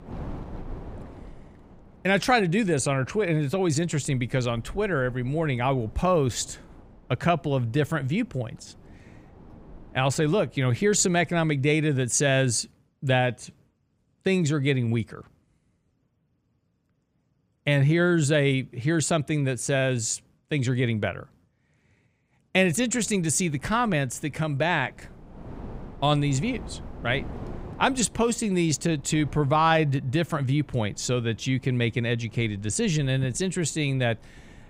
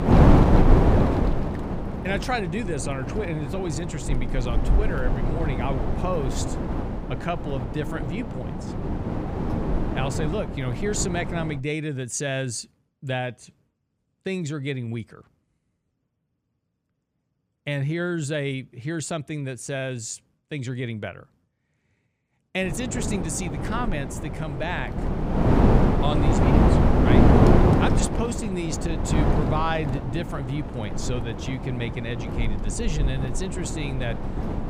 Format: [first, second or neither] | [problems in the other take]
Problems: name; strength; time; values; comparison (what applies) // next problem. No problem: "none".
first | wind noise on the microphone; heavy; until 12 s and from 23 s on; 2 dB above the speech; occasional gusts in the first